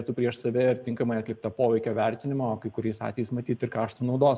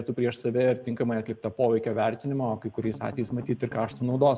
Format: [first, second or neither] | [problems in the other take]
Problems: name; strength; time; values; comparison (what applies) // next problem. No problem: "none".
first | background sound (Strum); 16 dB below the speech